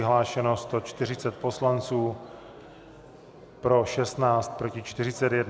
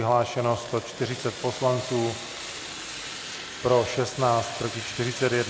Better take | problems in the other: first | background sound (Fire); 11 dB below the speech

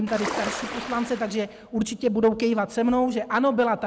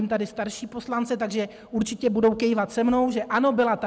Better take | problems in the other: second | background sound (Ocean); 9 dB below the speech

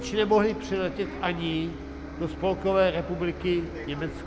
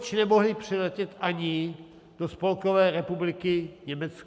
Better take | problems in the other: second | background sound (Bus); 10 dB below the speech

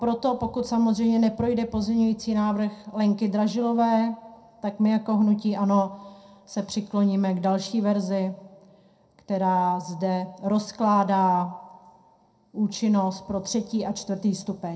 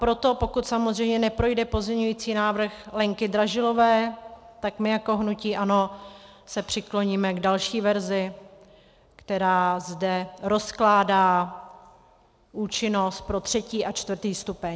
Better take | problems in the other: second | room echo; dies away in 0.2 s

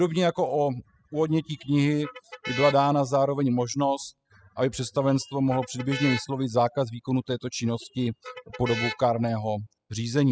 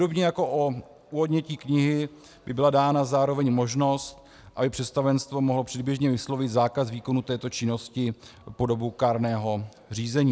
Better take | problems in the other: second | noise reduction (classical method spectral subtraction)

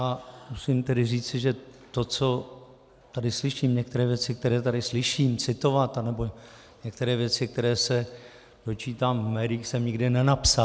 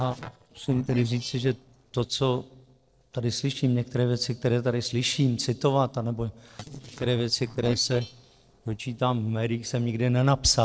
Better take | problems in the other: first | noise reduction (neural separator model SepFormer DNS4)

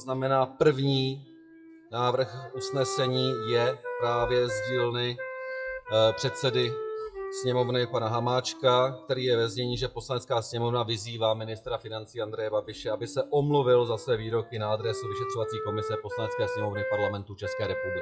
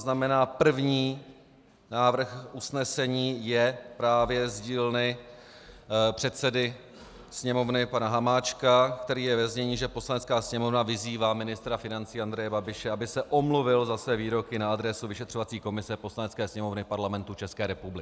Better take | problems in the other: second | noise reduction (classical method WPE with log-MMSE)

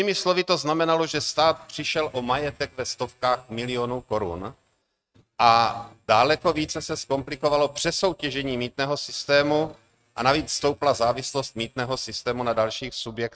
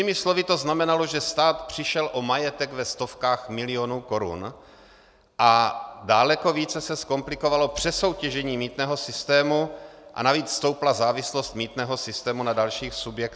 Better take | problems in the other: second | noise reduction (neural mask model RNNoise)

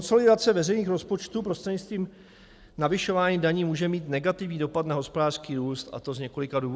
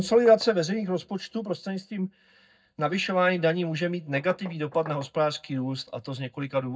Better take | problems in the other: first | noise reduction (neural mask model DeepFilterNet 3)

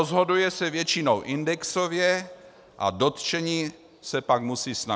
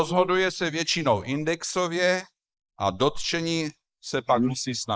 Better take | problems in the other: first | noise reduction (neural mask model Resemble Enhance denoiser)

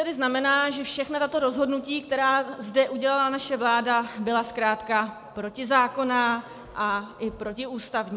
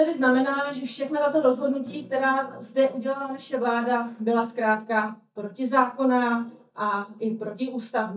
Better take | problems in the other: first | noise reduction (neural mask model DeepFilterNet 3)

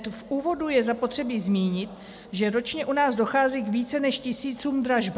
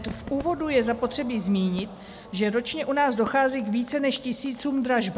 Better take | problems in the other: first | background sound (Crowd / Fireworks); 19 dB below the speech

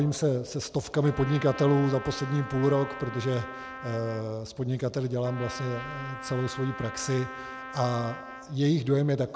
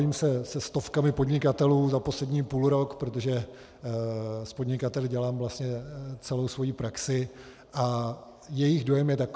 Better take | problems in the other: second | background sound (Trumpet); 13 dB below the speech

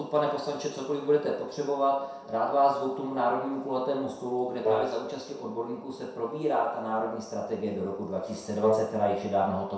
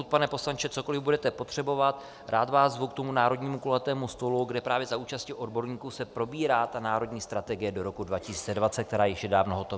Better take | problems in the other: second | background sound (Wind instrument, woodwind instrument); 1 dB below the speech // room echo; dies away in 0.7 s

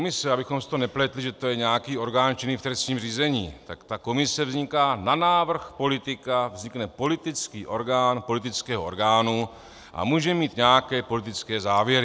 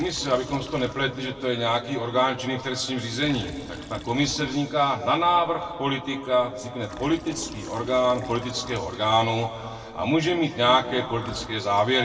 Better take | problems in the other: first | background sound (Liquid); 19 dB below the speech // room echo; dies away in 2.3 s

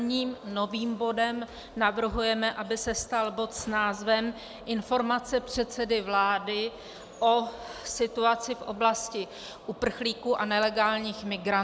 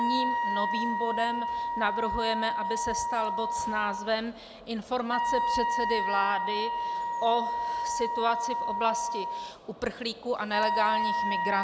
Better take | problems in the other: first | background sound (Wind instrument, woodwind instrument); 1 dB above the speech

